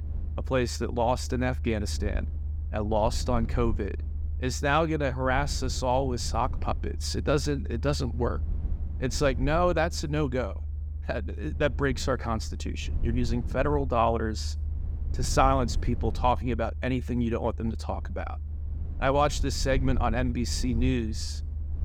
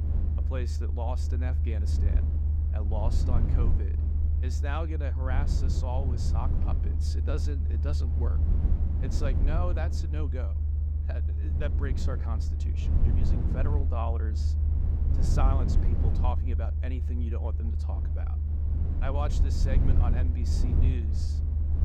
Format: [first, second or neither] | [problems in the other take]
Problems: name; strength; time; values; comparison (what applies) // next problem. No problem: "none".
first | low rumble; loud; throughout; 3 dB below the speech; faint in the first